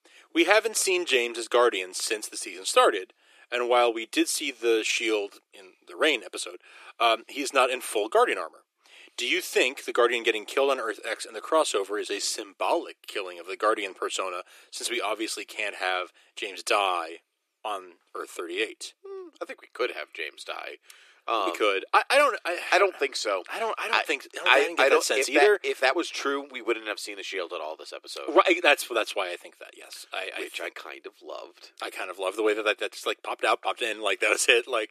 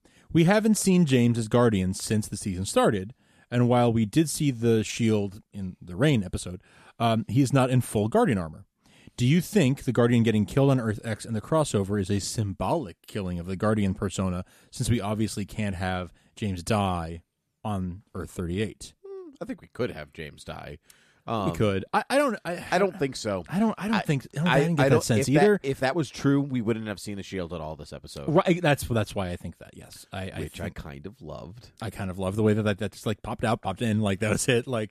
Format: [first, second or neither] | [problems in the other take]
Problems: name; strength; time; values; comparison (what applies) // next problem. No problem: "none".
second | thin; very; fading below 350 Hz